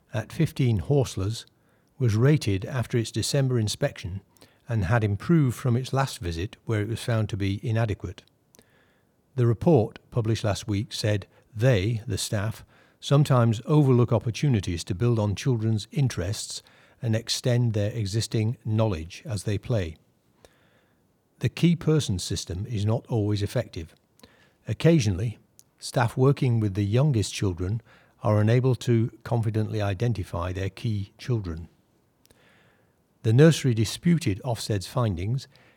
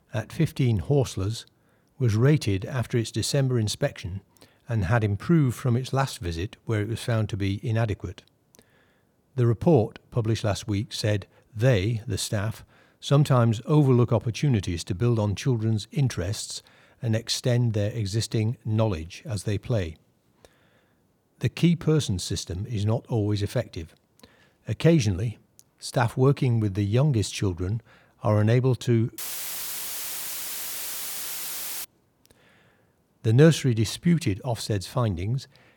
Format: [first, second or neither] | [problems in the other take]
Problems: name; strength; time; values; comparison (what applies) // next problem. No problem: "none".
first | audio cutting out; filled with static; at 29 s for 2.5 s